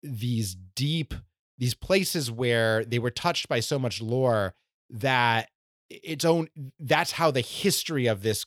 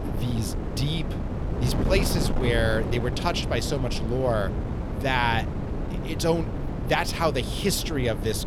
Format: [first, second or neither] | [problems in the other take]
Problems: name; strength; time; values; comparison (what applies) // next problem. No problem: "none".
first | wind noise on the microphone; heavy; 9 dB below the speech